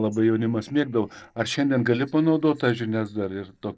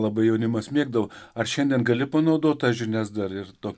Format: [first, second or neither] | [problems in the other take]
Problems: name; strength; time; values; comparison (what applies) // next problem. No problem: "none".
second | noise reduction (neural separator model SepFormer DNS4)